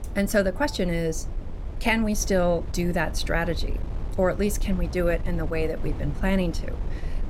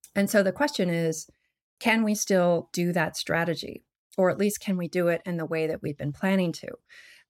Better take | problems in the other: second | wind noise on the microphone; occasional gusts; 20 dB below the speech

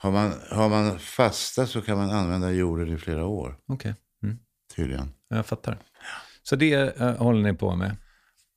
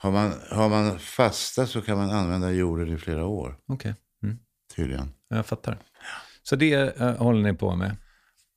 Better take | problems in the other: neither | none

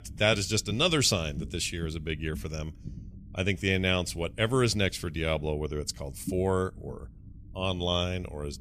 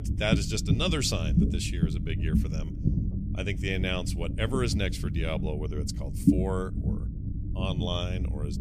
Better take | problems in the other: first | low rumble; loud; throughout; 6 dB below the speech; faint in the first

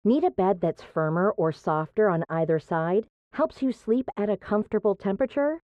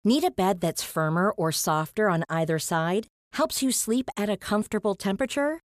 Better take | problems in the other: second | muffled; very; fading above 1.5 kHz

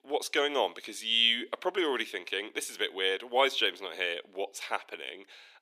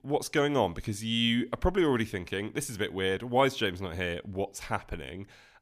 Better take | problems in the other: second | thin; somewhat; fading below 350 Hz

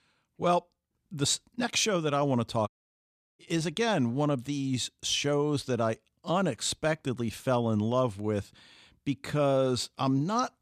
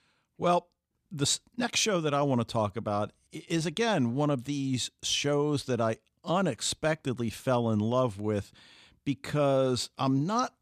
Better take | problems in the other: second | audio cutting out; at 2.5 s for 0.5 s

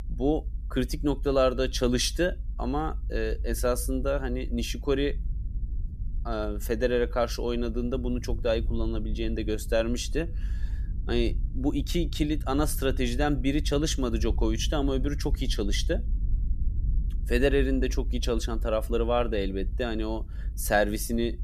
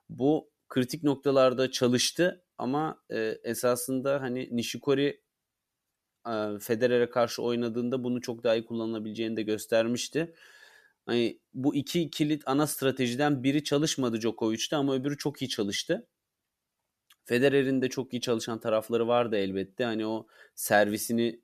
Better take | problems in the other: second | low rumble; faint; throughout; 25 dB below the speech

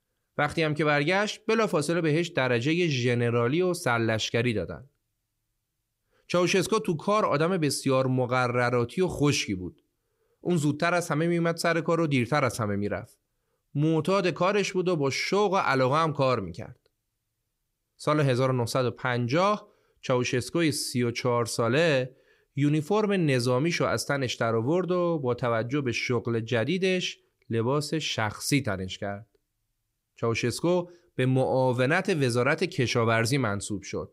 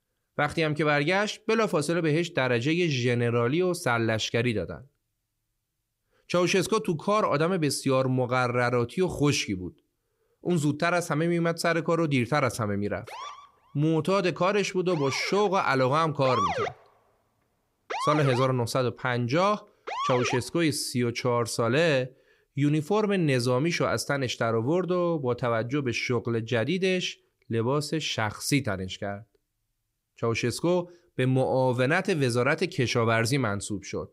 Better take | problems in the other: first | siren; noticeable; from 13 to 20 s; peak 1 dB below the speech

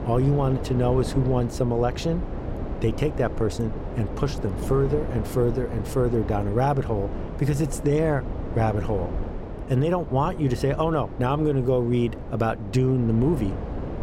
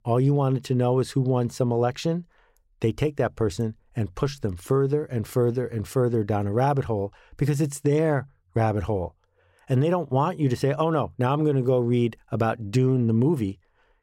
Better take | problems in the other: second | wind noise on the microphone; occasional gusts; 10 dB below the speech

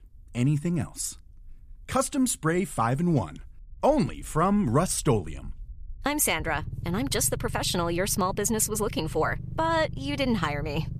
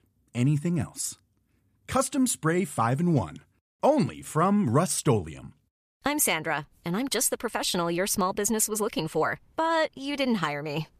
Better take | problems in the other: second | low rumble; faint; throughout; 20 dB below the speech

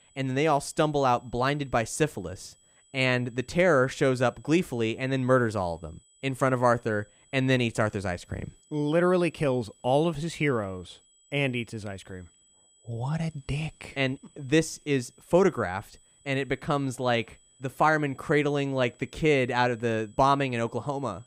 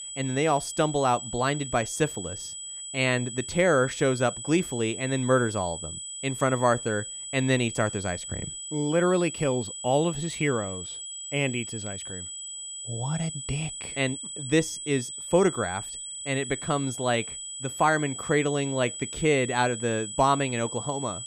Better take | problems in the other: first | high-pitched whine; loud; throughout; 8 kHz, 8 dB below the speech; faint in the first

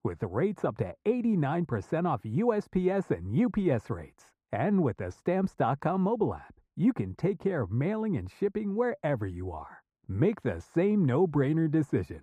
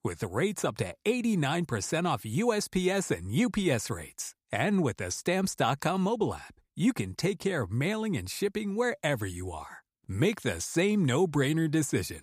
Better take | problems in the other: second | muffled; very; fading above 2.5 kHz

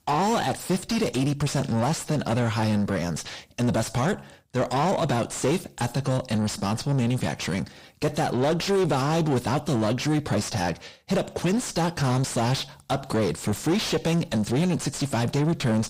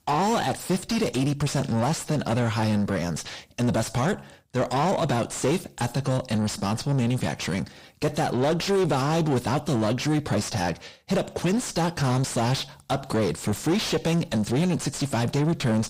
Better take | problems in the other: neither | distortion; heavy; 6 dB below the speech; the same in both

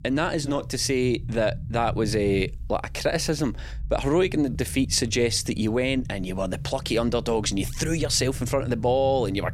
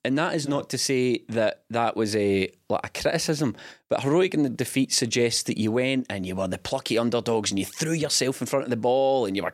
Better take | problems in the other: second | low rumble; faint; throughout; 25 dB below the speech

